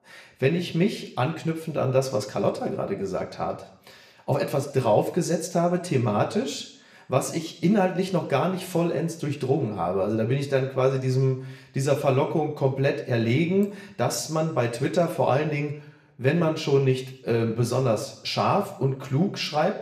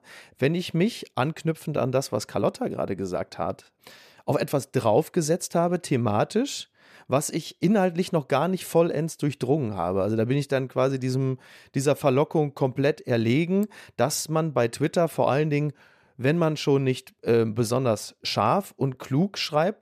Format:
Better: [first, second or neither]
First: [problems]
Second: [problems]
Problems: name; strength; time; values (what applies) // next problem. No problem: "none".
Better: second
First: room echo; slight; dies away in 0.6 s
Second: none